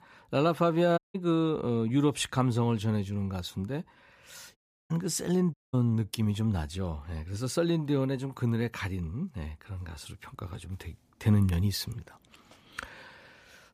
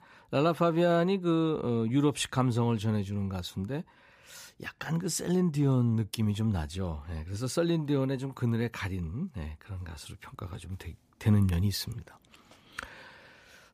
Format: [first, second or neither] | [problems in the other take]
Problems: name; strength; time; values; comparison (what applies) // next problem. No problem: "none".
second | audio cutting out; at 1 s, at 4.5 s and at 5.5 s